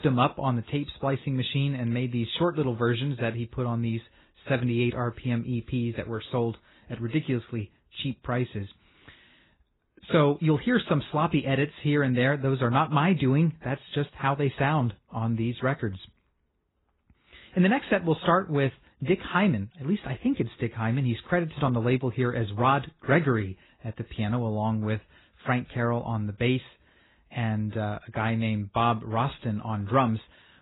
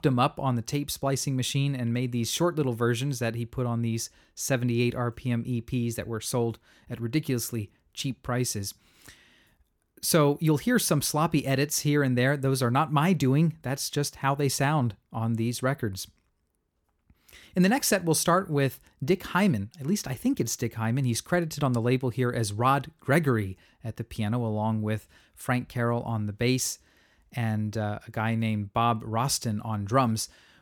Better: second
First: garbled, watery; badly; nothing above 4 kHz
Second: none

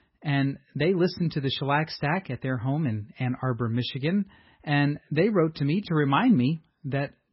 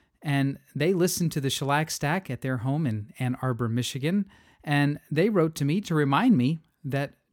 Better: second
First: garbled, watery; badly; nothing above 5.5 kHz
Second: none

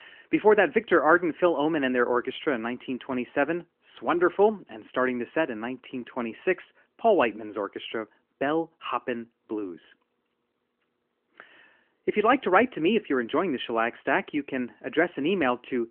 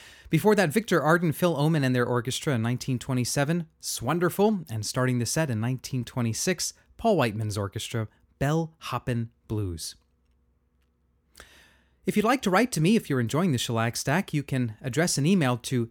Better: second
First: phone-call audio; nothing above 3 kHz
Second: none

